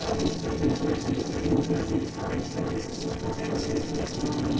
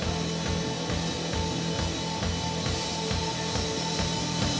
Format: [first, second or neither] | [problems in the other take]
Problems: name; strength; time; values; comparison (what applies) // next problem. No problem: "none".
second | noise reduction (neural separator model SepFormer DNS4)